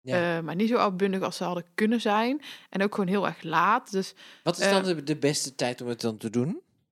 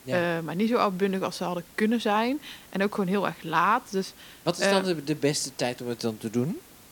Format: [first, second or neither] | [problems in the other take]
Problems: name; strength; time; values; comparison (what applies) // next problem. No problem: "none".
first | hiss; faint; throughout; 25 dB below the speech